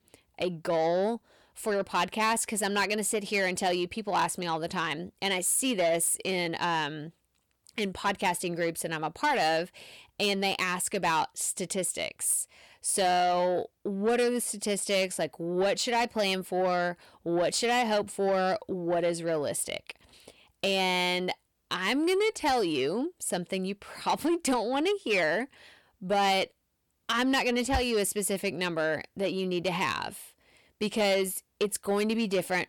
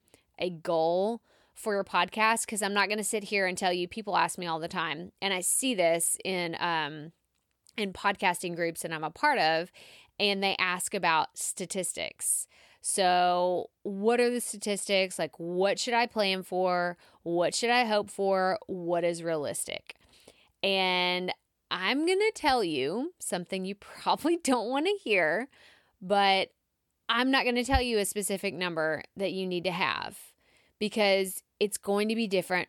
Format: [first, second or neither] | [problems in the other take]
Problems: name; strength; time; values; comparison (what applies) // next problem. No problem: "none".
second | distortion; slight; 10 dB below the speech